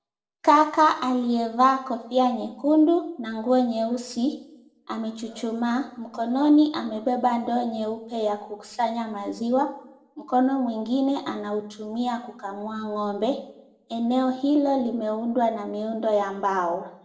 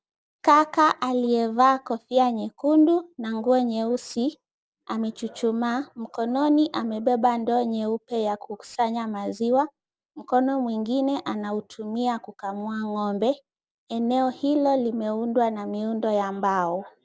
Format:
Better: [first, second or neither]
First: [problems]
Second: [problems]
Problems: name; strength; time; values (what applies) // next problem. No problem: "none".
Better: second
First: room echo; dies away in 0.6 s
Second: none